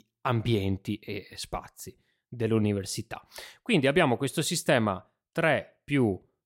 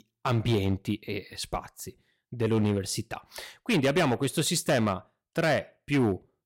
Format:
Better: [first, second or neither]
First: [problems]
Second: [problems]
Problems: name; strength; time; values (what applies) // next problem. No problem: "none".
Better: first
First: none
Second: distortion; slight; 6% of the sound clipped